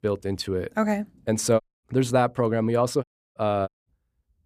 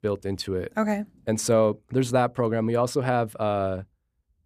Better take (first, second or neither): second